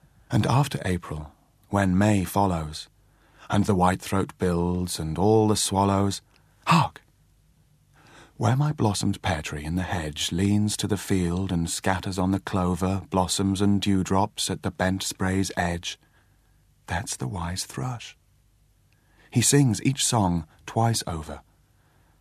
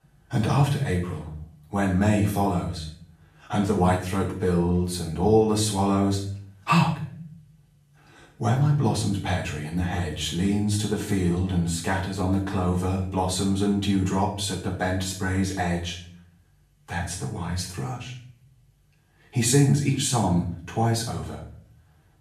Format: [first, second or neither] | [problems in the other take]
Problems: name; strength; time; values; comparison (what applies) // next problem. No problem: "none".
first | off-mic speech; far // room echo; noticeable; dies away in 0.5 s